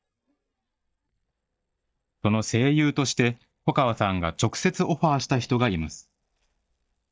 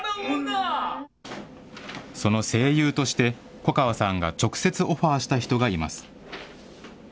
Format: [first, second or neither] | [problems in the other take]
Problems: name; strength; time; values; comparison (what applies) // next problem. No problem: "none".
second | noise reduction (neural mask model DeepFilterNet 3)